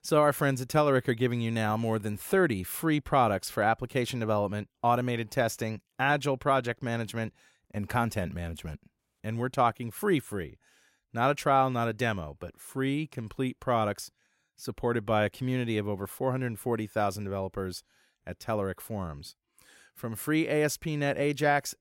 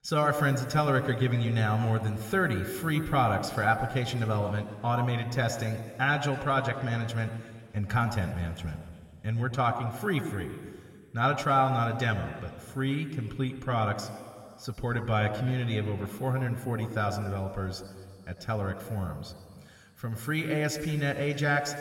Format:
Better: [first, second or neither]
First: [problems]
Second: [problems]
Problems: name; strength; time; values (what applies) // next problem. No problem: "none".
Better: first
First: none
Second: room echo; noticeable; dies away in 2.4 s